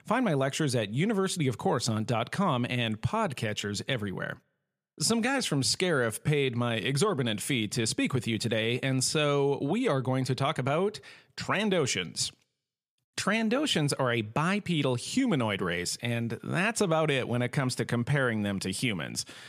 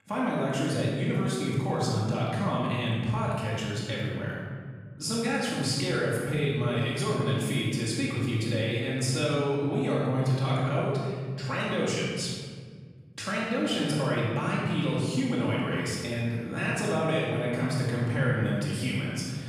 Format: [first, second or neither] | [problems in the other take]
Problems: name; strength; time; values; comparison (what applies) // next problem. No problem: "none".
first | off-mic speech; far // room echo; strong; dies away in 2.2 s